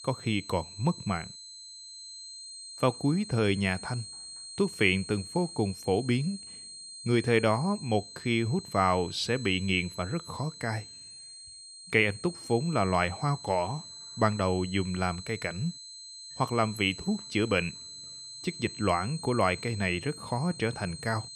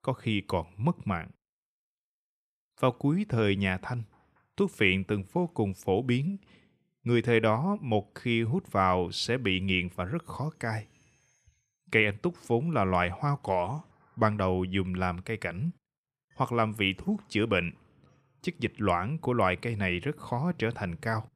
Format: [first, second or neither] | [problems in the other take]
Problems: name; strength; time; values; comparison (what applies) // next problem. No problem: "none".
second | high-pitched whine; noticeable; throughout; 4 kHz, 15 dB below the speech